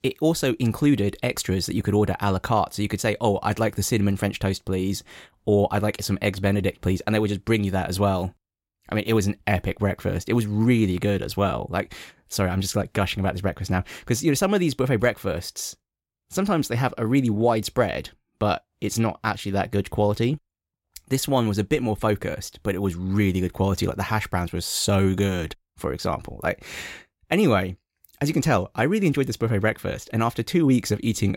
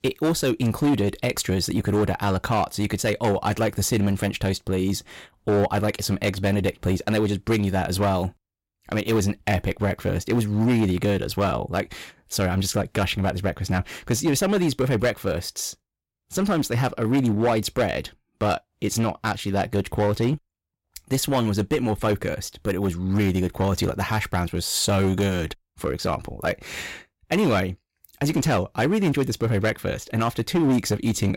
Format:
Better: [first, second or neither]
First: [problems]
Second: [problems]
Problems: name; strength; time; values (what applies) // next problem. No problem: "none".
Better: first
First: none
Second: distortion; slight; 8% of the sound clipped